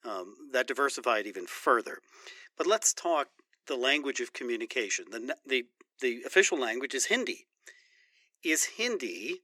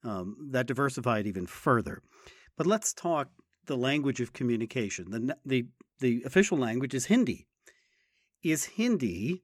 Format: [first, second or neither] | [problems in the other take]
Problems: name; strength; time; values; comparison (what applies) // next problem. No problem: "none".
second | thin; very; fading below 350 Hz